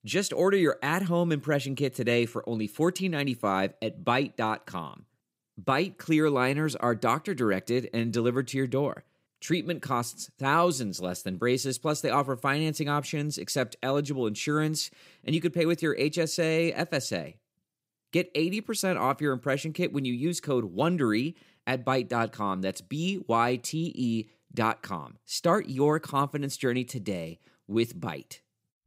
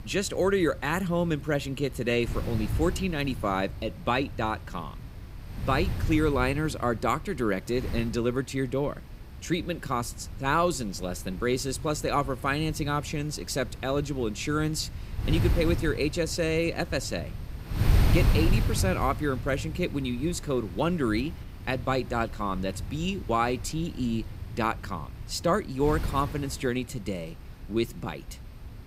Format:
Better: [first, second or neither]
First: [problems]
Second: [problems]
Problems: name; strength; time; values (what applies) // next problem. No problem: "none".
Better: first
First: none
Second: wind noise on the microphone; occasional gusts; 15 dB below the speech